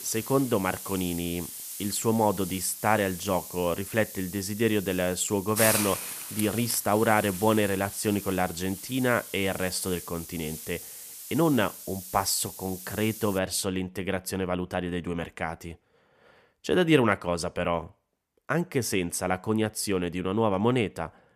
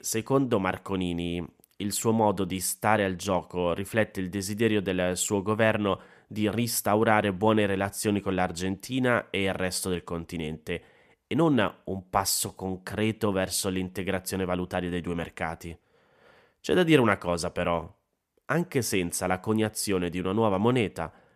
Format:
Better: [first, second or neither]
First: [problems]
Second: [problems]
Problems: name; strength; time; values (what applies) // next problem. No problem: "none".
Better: second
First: hiss; loud; until 13 s; 8 dB below the speech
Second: none